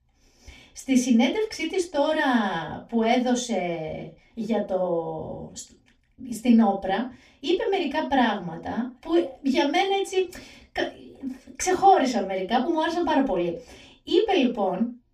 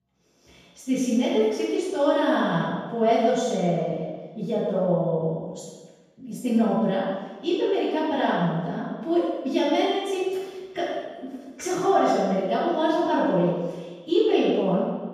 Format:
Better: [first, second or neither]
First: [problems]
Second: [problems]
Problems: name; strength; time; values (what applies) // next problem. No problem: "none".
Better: first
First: room echo; slight; dies away in 0.2 s // off-mic speech; far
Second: room echo; strong; dies away in 1.2 s // off-mic speech; far